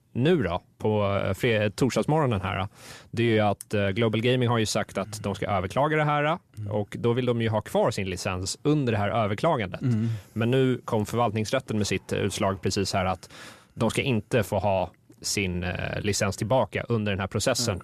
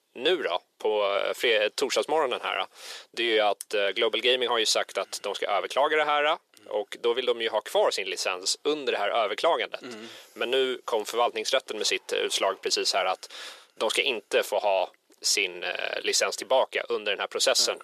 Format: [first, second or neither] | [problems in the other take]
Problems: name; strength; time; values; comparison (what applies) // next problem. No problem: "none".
first | thin; very; fading below 400 Hz